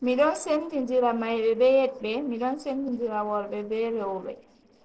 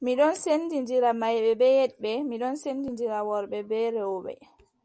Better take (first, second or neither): second